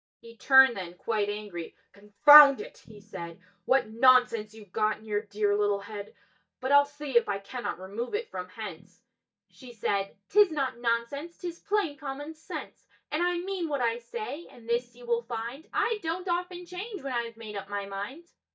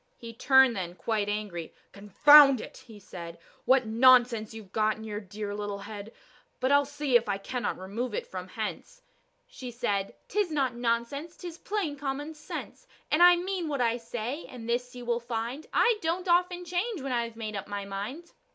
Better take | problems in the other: second | noise reduction (neural mask model DeepFilterNet 3)

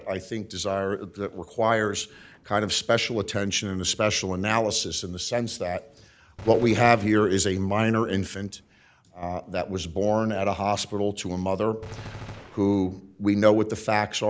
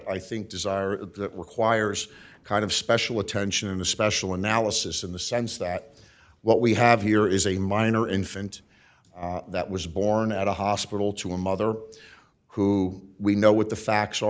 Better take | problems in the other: second | background sound (Gunshot, gunfire); 17 dB below the speech

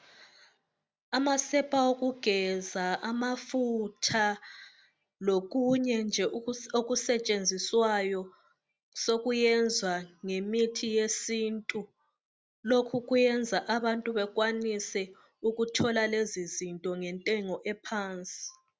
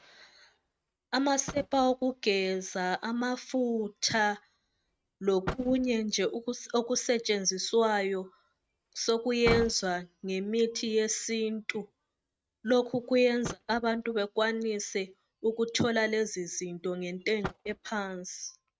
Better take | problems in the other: first | noise reduction (neural mask model RNNoise)

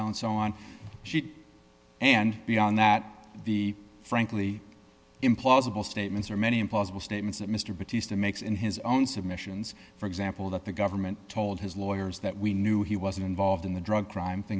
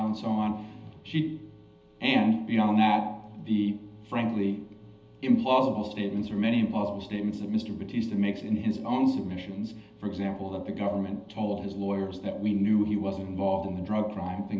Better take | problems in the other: first | room echo; dies away in 1.2 s

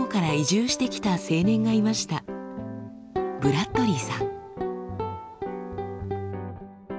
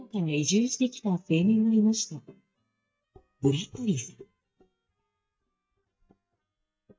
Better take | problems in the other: first | noise reduction (neural mask model DeepFilterNet 3)

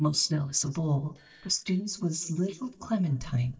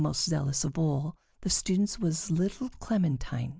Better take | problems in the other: second | noise reduction (neural mask model DeepFilterNet 3)

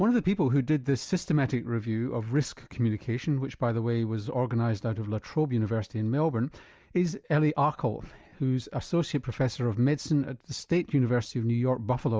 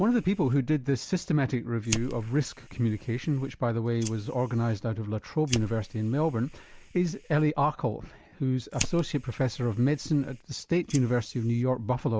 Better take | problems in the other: first | background sound (Fire); 14 dB below the speech

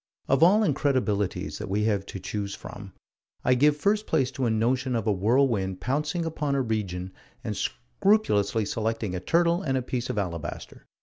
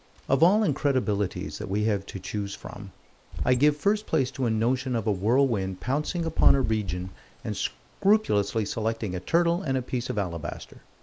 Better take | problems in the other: first | background sound (Wind / Bird); 7 dB below the speech

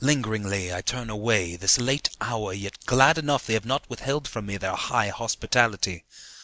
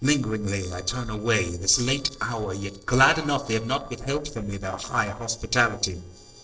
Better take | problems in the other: first | noise reduction (neural separator model SepFormer DNS4)

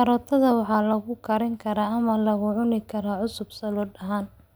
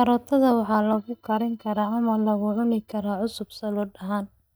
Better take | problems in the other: first | noise reduction (neural mask model DeepFilterNet 3)

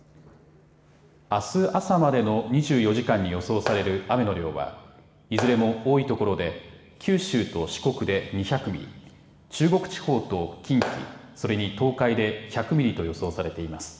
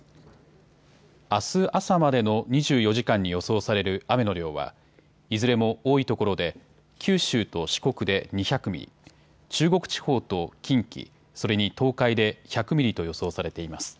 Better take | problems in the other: second | background sound (Clapping); 9 dB below the speech // room echo; dies away in 1.7 s

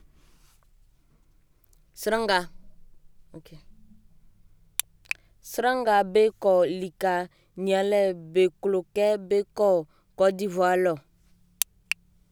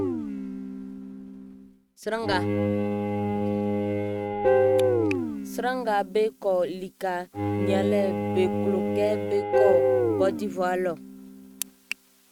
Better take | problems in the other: first | noise reduction (neural mask model RNNoise)

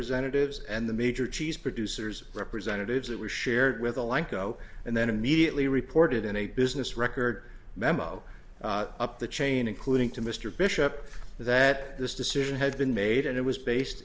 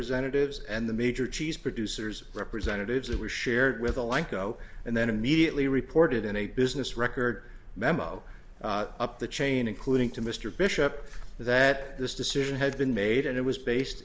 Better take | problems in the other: first | background sound (Bass drum); 10 dB below the speech

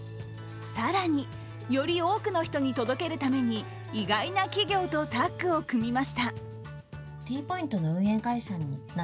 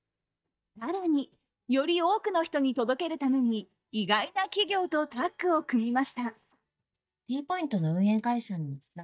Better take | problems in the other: first | noise reduction (neural mask model DeepFilterNet 3)

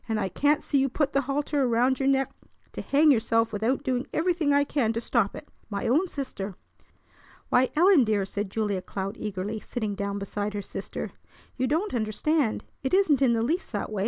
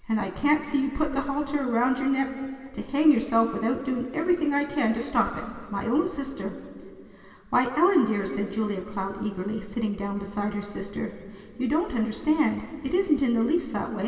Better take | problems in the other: first | room echo; dies away in 2.5 s

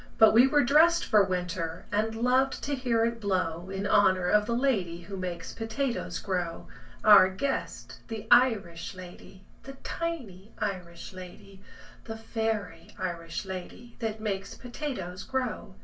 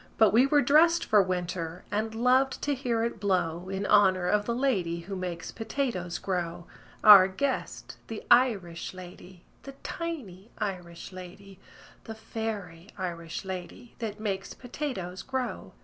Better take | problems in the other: second | room echo; dies away in 0.2 s

